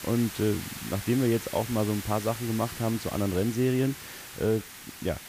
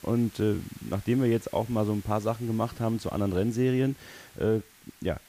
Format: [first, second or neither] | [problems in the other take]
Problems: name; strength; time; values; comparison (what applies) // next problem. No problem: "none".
second | hiss; loud; throughout; 10 dB below the speech; faint in the second